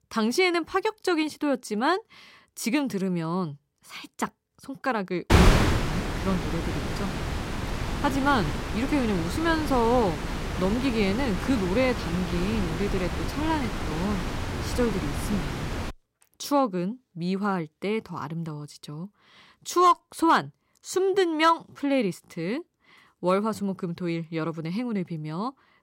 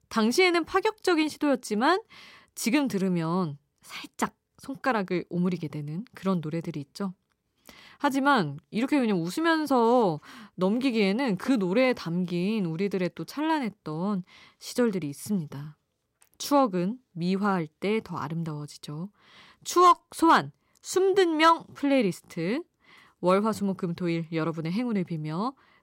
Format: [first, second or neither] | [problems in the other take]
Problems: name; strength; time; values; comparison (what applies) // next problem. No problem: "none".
second | wind noise on the microphone; heavy; from 5.5 to 16 s; 4 dB below the speech